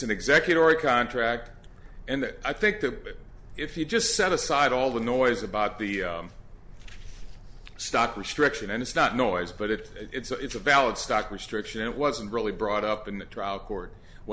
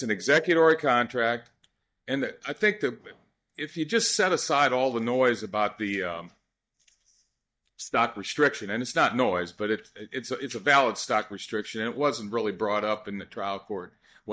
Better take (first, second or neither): first